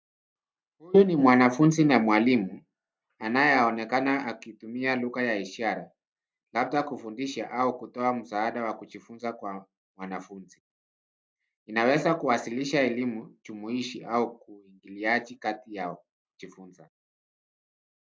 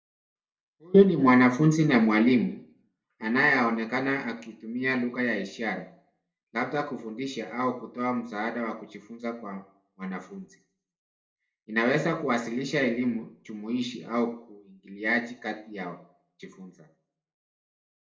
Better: first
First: none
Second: room echo; dies away in 0.4 s

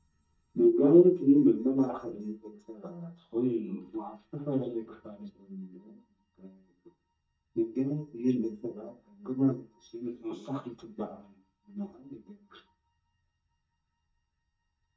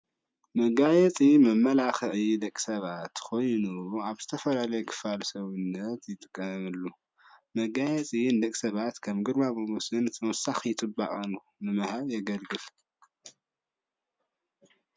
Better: second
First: noise reduction (neural mask model DeepFilterNet 3)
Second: none

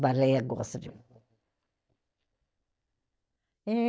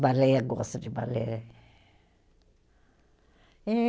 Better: second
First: noise reduction (neural mask model DeepFilterNet 3)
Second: none

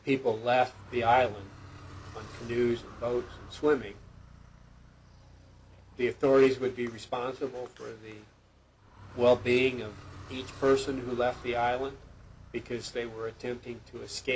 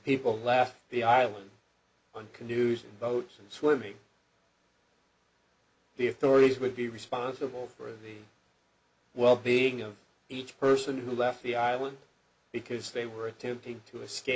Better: second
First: background sound (Car); 18 dB below the speech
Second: none

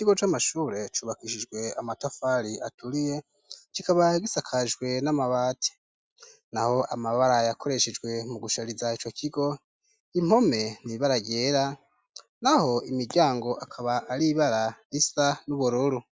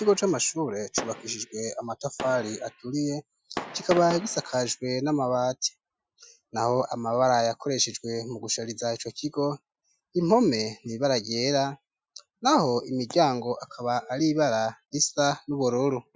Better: first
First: none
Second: noise reduction (classical method Wiener filter)

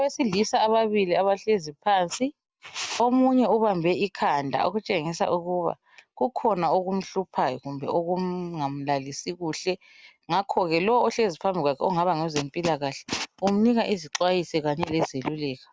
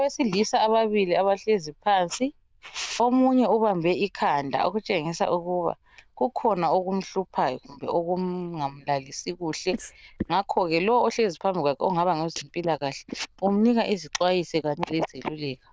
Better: first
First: none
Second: noise reduction (neural diffusion model UNIVERSE++)

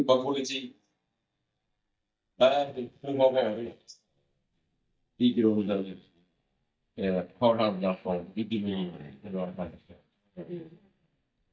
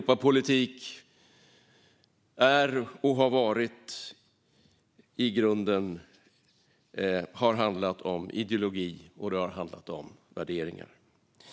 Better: second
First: noise reduction (neural mask model DeepFilterNet 3)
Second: none

